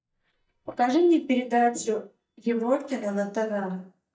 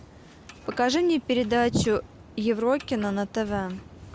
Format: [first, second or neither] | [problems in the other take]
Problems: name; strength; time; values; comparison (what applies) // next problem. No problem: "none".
second | noise reduction (neural mask model DeepFilterNet 3)